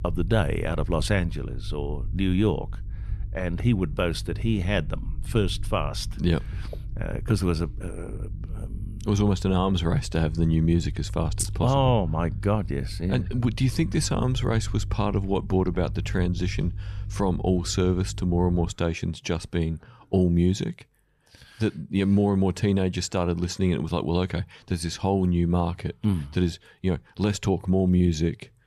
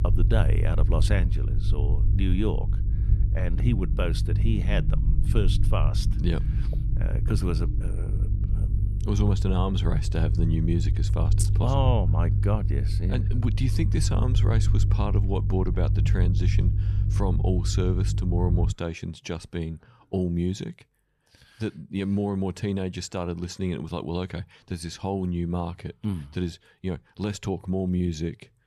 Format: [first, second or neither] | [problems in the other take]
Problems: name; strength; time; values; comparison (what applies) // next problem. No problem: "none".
first | low rumble; loud; until 19 s; 7 dB below the speech; faint in the first